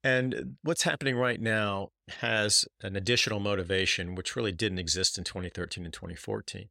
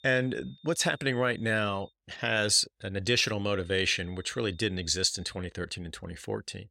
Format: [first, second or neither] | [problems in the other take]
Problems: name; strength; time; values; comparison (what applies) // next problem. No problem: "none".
first | high-pitched whine; faint; until 2 s and from 3.5 to 5.5 s; 3.5 kHz, 30 dB below the speech